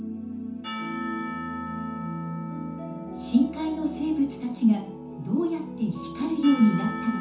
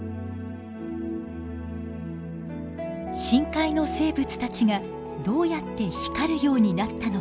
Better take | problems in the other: second | background sound (Church bell / Percussion); 14 dB below the speech // room echo; dies away in 0.9 s

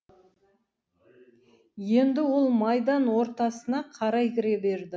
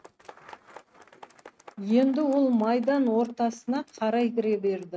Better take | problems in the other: first | noise reduction (neural mask model RNNoise)

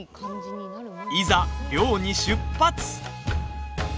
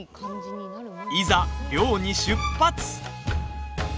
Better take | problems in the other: first | background sound (Bowed string instrument); 9 dB below the speech

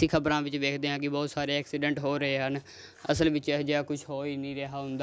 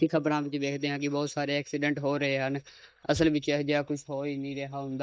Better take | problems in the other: first | noise reduction (neural mask model DeepFilterNet 3)

